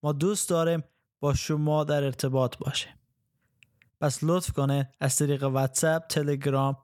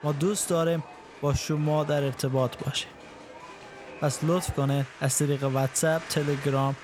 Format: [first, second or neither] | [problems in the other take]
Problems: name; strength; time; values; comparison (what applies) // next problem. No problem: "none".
first | crowd noise; noticeable; throughout; 15 dB below the speech